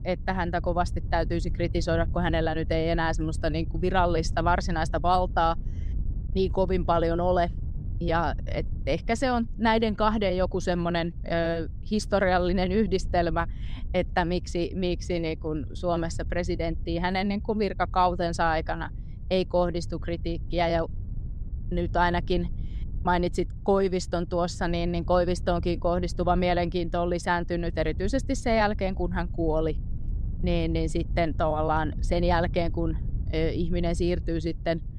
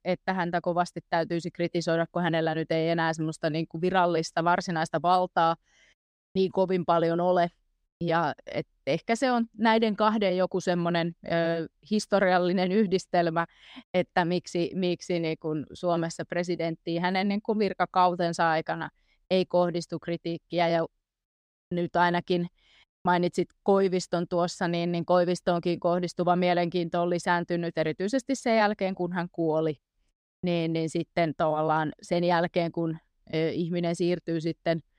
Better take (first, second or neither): second